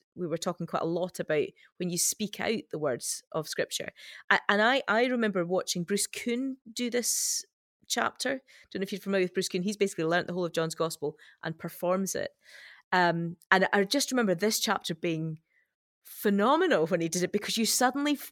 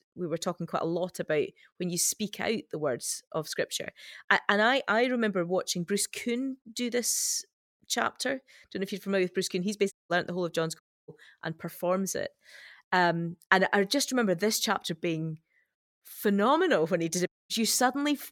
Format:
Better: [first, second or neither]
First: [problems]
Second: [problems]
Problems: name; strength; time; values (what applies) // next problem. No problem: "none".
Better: first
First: none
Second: audio cutting out; at 10 s, at 11 s and at 17 s